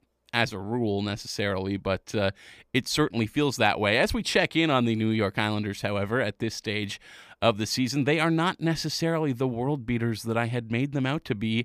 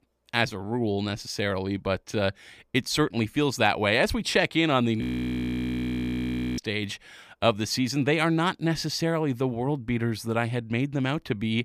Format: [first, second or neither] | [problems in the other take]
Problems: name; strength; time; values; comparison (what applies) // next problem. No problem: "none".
first | audio freezing; at 5 s for 1.5 s